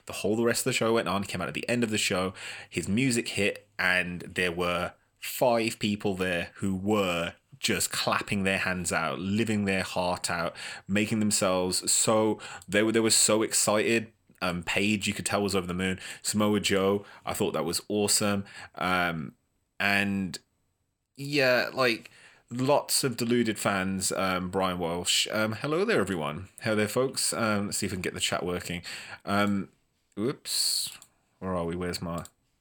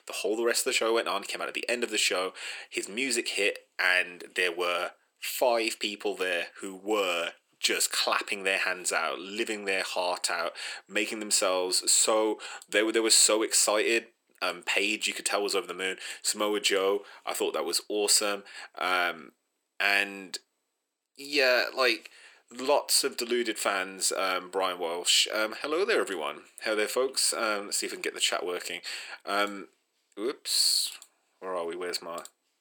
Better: first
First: none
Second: thin; somewhat; fading below 350 Hz

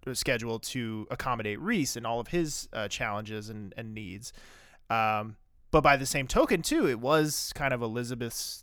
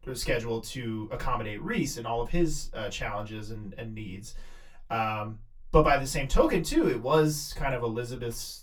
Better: first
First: none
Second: off-mic speech; far // room echo; very slight; dies away in 0.2 s

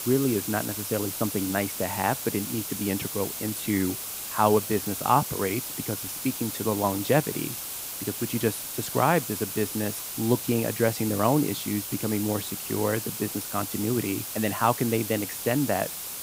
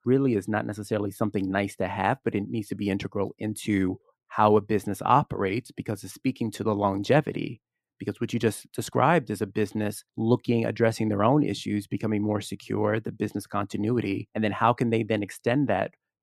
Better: second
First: hiss; loud; throughout; 4 dB below the speech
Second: none

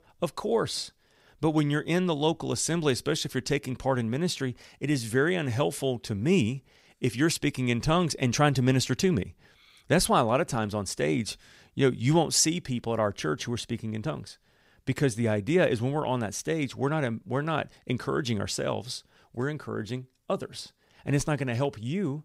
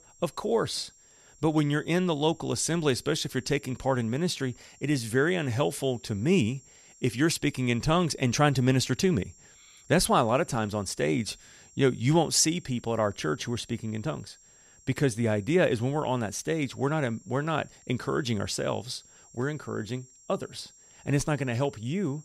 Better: first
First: none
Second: high-pitched whine; faint; throughout; 7.5 kHz, 25 dB below the speech

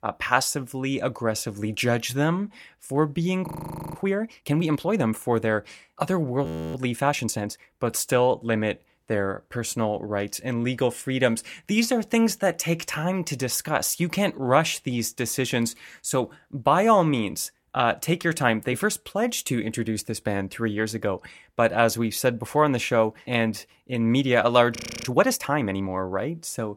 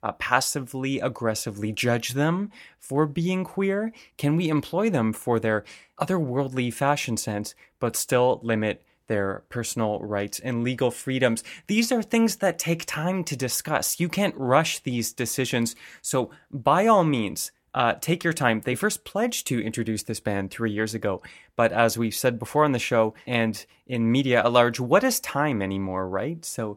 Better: second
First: audio freezing; at 3.5 s, at 6.5 s and at 25 s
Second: none

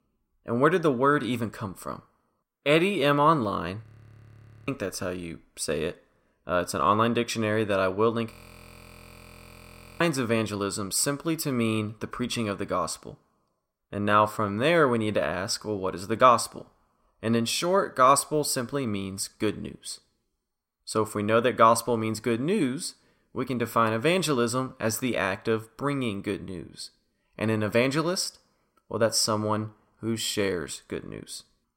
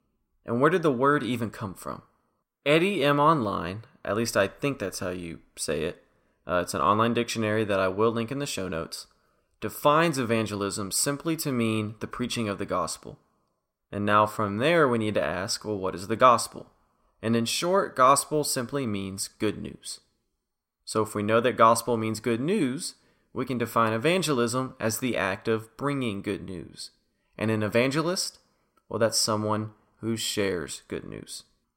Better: second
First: audio freezing; at 4 s for 1 s and at 8.5 s for 1.5 s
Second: none

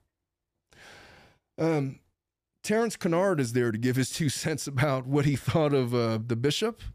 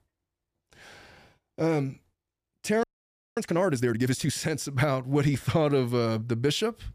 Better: first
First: none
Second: audio freezing; at 3 s for 0.5 s

